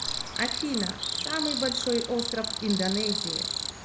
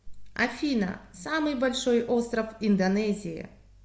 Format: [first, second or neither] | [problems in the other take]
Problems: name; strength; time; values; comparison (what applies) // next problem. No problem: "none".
second | background sound (Cricket); 1 dB below the speech